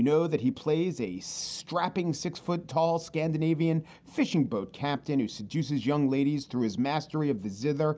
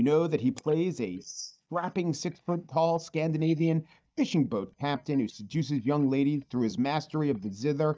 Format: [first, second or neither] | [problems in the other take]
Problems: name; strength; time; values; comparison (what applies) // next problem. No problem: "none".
first | noise reduction (neural mask model DeepFilterNet 3)